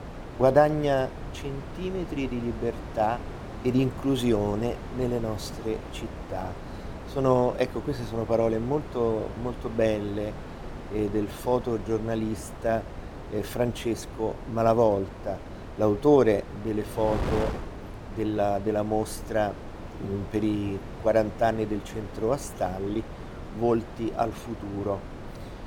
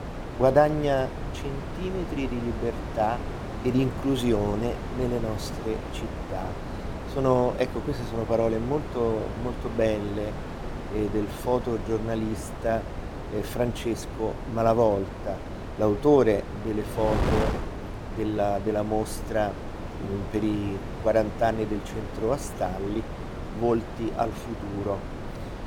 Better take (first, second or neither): first